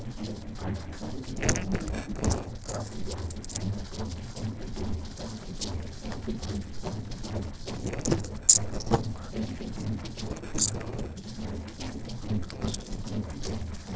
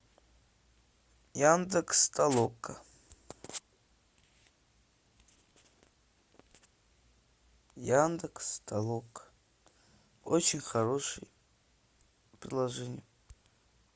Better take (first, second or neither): second